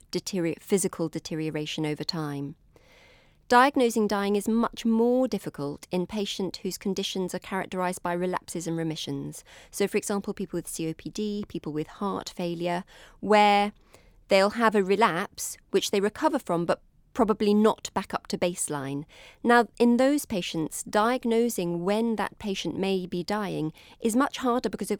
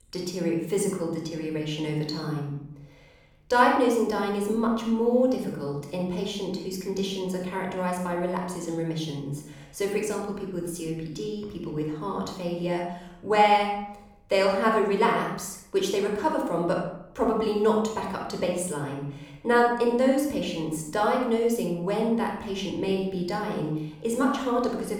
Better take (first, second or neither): first